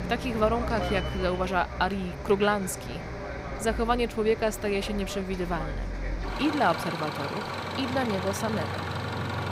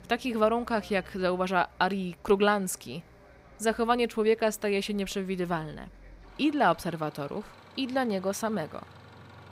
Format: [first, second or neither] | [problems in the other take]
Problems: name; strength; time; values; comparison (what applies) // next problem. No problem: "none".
second | traffic noise; loud; throughout; 5 dB below the speech; faint in the second